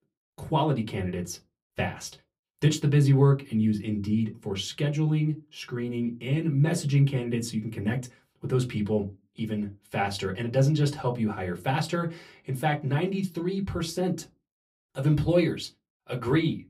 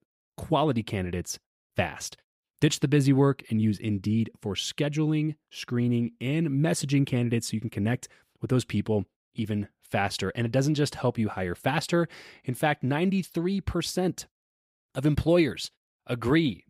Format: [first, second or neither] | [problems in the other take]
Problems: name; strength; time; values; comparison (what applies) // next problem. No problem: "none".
second | off-mic speech; somewhat distant // room echo; very slight; dies away in 0.2 s